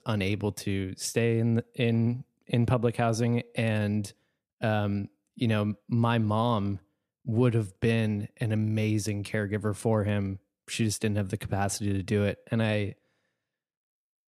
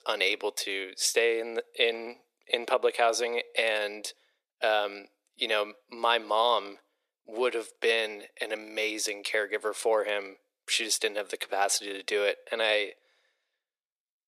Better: first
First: none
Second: thin; very; fading below 400 Hz

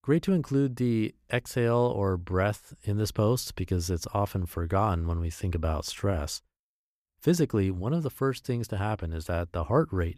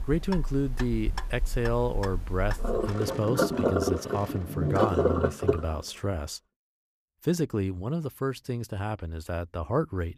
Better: first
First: none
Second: household noises; very loud; until 6 s; 1 dB above the speech

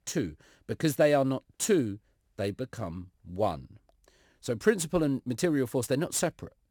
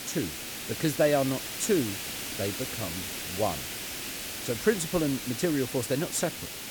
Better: first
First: none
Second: hiss; loud; throughout; 5 dB below the speech

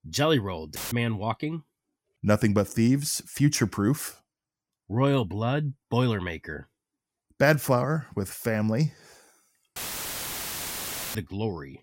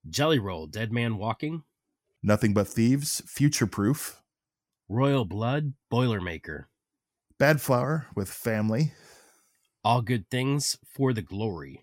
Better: second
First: audio cutting out; filled with static; at 1 s and at 10 s for 1.5 s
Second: none

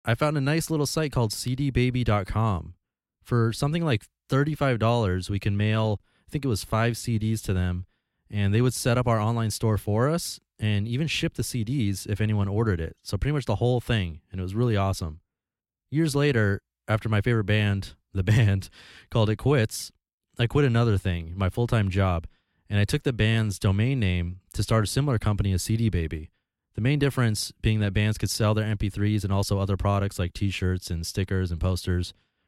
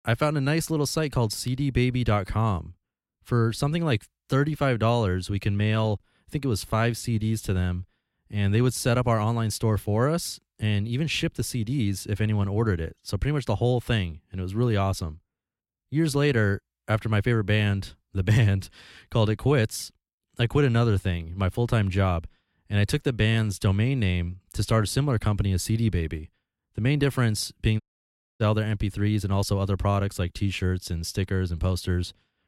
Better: first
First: none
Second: audio cutting out; at 28 s for 0.5 s

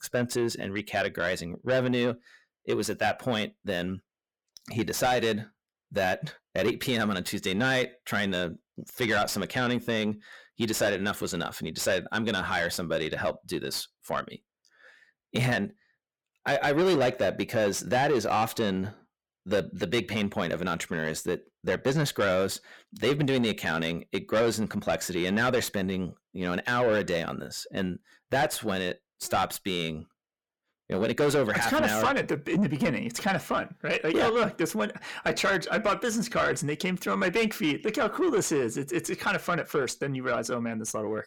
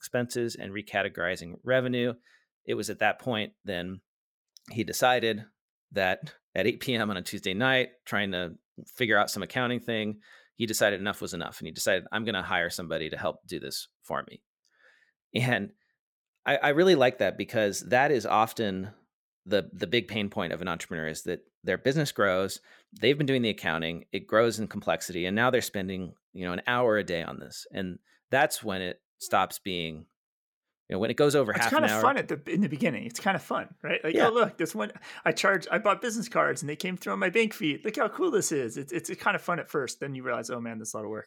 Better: second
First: distortion; heavy; 8 dB below the speech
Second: none

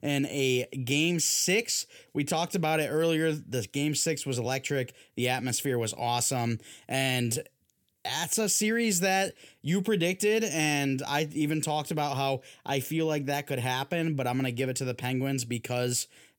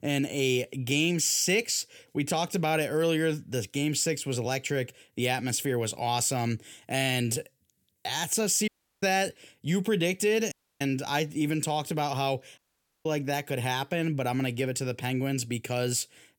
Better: first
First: none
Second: audio cutting out; at 8.5 s, at 11 s and at 13 s

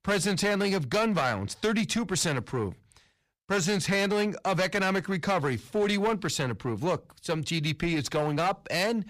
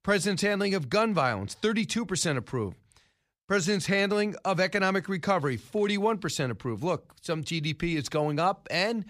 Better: second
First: distortion; slight; 11% of the sound clipped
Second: none

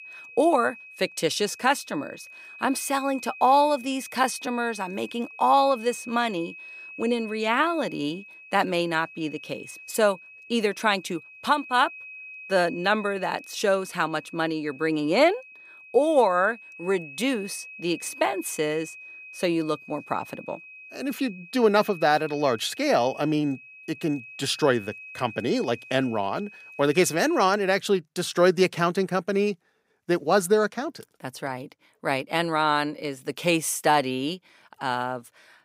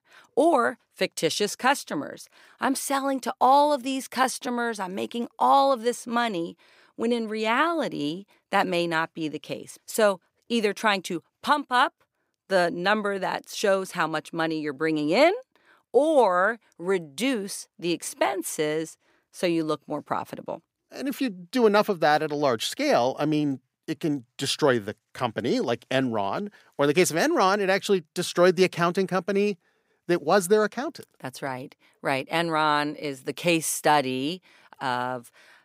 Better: second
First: high-pitched whine; noticeable; until 28 s; 2.5 kHz, 15 dB below the speech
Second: none

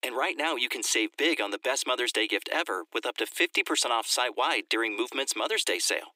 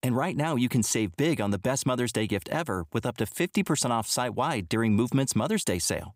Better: second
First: thin; very; fading below 300 Hz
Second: none

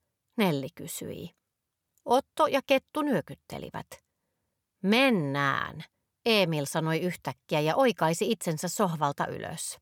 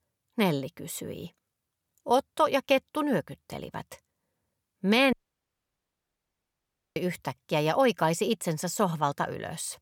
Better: first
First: none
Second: audio cutting out; at 5 s for 2 s

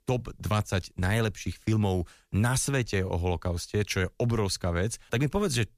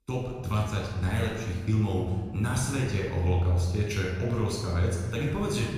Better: first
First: none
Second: off-mic speech; far // room echo; noticeable; dies away in 1.7 s

